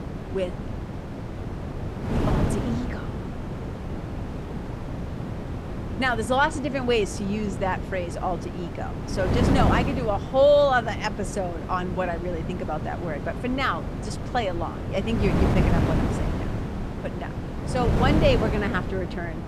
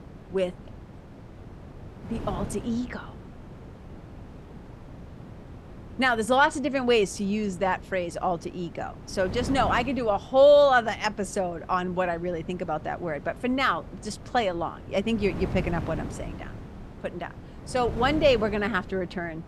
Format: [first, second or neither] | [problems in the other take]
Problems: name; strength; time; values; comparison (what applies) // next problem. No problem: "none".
second | wind noise on the microphone; heavy; 8 dB below the speech; occasional gusts in the second